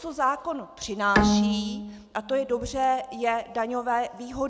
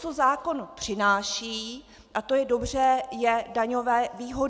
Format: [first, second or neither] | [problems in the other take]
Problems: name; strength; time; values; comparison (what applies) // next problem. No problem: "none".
second | background sound (Bowed string instrument); as loud as the speech